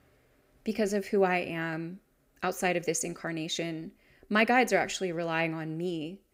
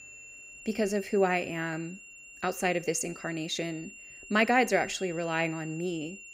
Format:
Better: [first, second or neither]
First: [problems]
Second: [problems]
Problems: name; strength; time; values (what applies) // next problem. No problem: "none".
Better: first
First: none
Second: high-pitched whine; noticeable; throughout; 2.5 kHz, 15 dB below the speech